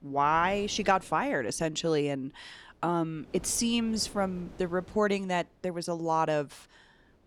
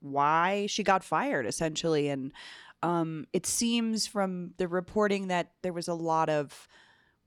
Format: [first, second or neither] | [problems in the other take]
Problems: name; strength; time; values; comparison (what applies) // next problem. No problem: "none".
second | wind noise on the microphone; occasional gusts; 25 dB below the speech